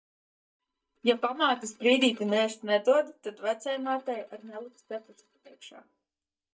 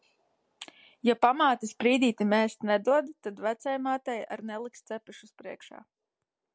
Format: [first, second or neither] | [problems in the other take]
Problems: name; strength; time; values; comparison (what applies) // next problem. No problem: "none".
second | noise reduction (neural mask model DeepFilterNet 3)